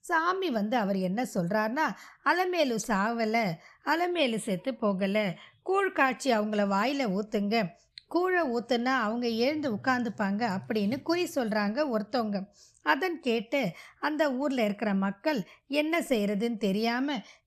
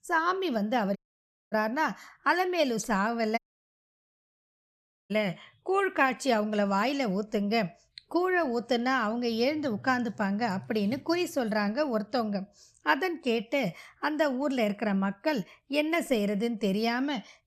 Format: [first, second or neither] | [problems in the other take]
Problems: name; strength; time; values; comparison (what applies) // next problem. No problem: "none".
first | audio cutting out; at 1 s for 0.5 s and at 3.5 s for 1.5 s